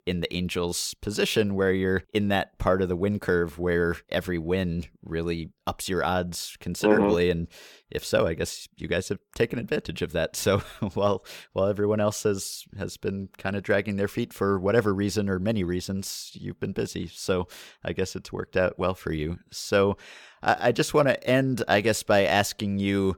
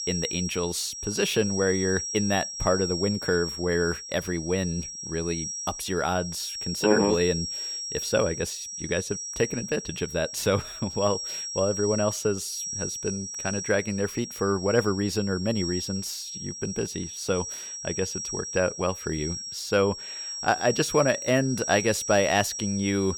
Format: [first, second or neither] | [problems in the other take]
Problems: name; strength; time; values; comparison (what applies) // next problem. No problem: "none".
first | high-pitched whine; loud; throughout; 5.5 kHz, 5 dB below the speech